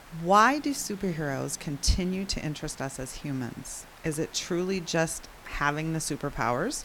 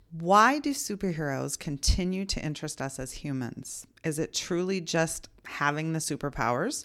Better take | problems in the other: second | hiss; noticeable; throughout; 20 dB below the speech

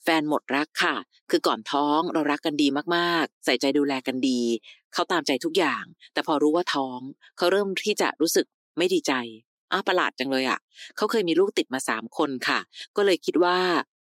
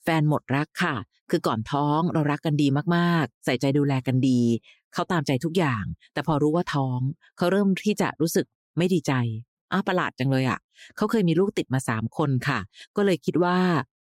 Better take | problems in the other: second | thin; somewhat; fading below 300 Hz

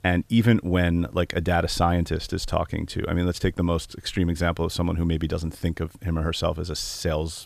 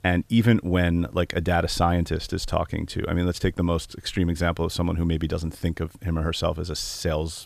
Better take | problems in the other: neither | none

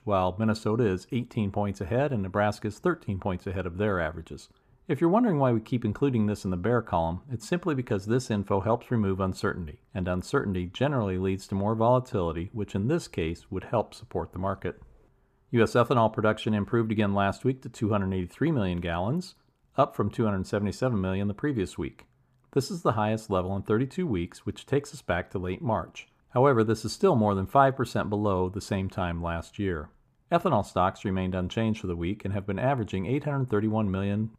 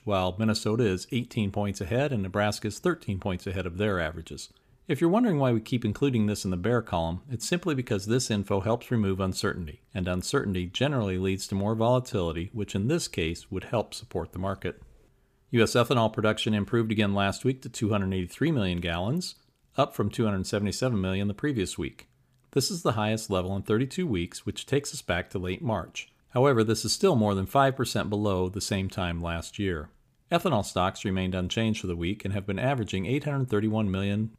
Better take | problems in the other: second | muffled; slightly; fading above 2 kHz

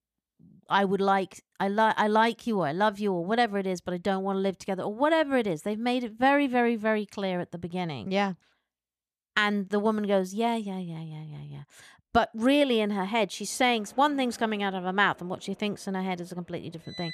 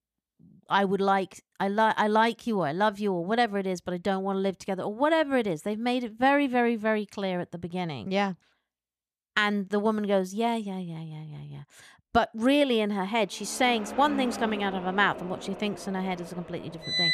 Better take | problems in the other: first | traffic noise; loud; from 14 s on; 10 dB below the speech; faint in the first

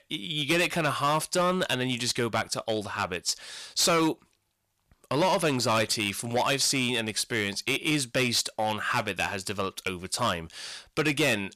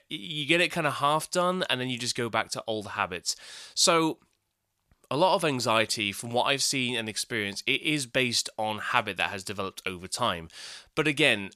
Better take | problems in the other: second | distortion; heavy; 7% of the sound clipped

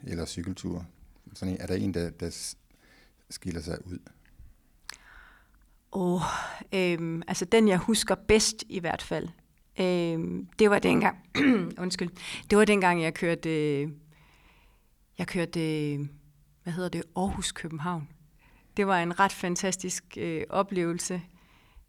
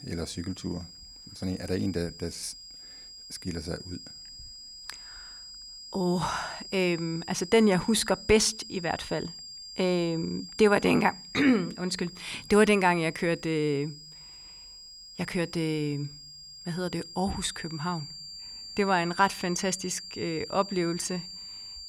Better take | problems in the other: first | high-pitched whine; noticeable; throughout; 4.5 kHz, 15 dB below the speech

